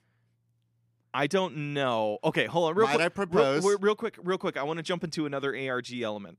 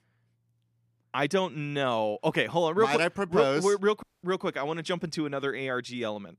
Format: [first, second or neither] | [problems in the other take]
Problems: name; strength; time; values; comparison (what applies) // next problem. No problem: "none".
first | audio cutting out; at 4 s